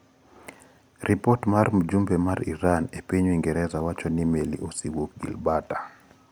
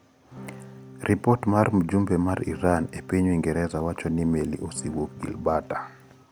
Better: first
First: none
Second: background sound (Acoustic guitar / Strum); 19 dB below the speech

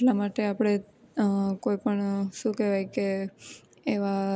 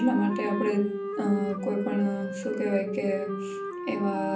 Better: first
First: none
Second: background sound (Wind instrument, woodwind instrument); 6 dB below the speech // room echo; dies away in 0.6 s

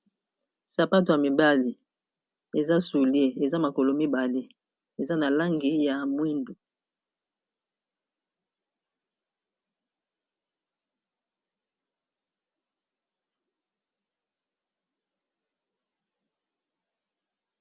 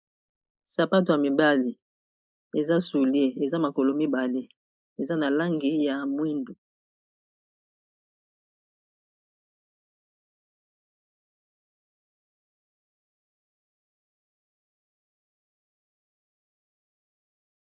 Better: first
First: none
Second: noise reduction (neural mask model Resemble Enhance denoiser)

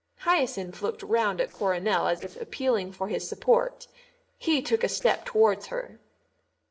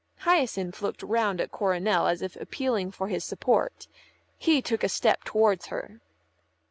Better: second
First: noise reduction (neural separator model SepFormer DNS4)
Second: none

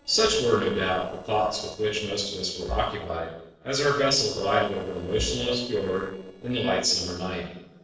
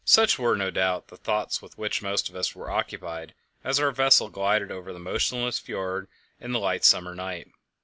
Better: second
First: noise reduction (neural separator model SepFormer DNS4)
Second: none

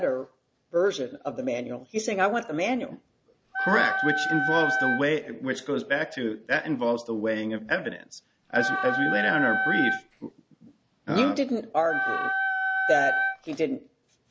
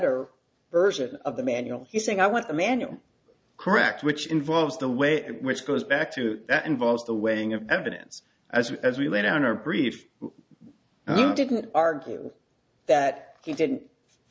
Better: second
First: background sound (Wind instrument, woodwind instrument); 1 dB above the speech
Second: none

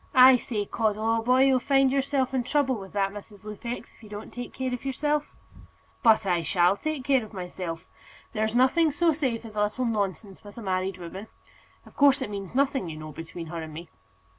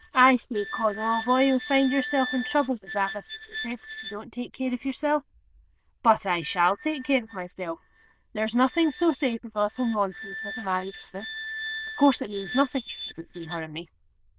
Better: first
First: none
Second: noise reduction (neural diffusion model UNIVERSE++)

